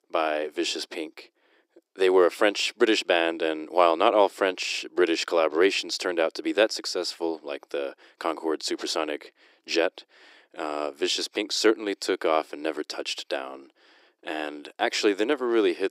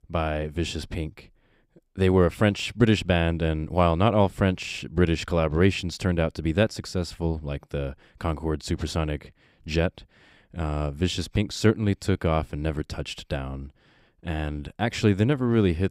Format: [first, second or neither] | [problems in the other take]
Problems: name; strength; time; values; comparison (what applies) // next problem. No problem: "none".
second | thin; very; fading below 350 Hz